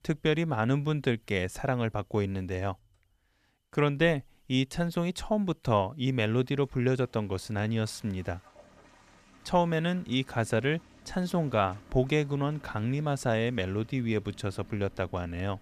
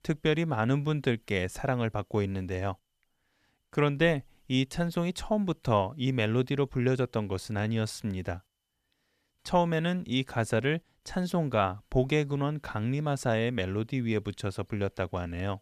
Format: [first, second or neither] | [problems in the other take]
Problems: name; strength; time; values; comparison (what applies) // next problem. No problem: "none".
second | traffic noise; faint; throughout; 25 dB below the speech